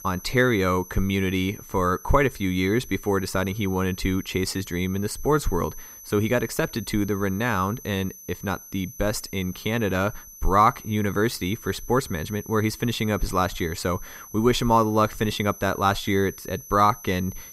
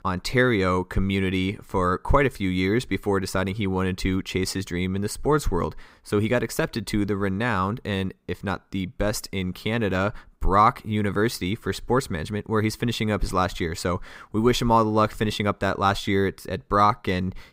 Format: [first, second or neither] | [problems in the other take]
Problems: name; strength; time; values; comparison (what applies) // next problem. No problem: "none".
second | high-pitched whine; noticeable; throughout; 6 kHz, 15 dB below the speech